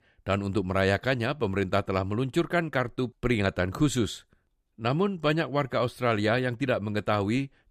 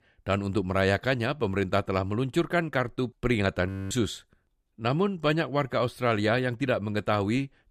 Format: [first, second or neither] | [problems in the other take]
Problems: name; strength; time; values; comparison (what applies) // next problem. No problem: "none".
first | audio freezing; at 3.5 s